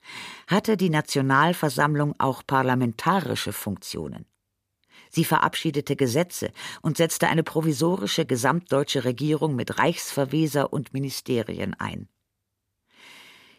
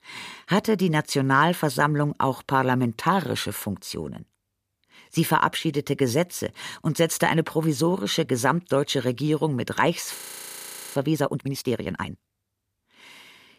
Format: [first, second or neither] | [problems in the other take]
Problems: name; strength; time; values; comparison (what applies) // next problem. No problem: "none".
first | audio freezing; at 10 s for 1 s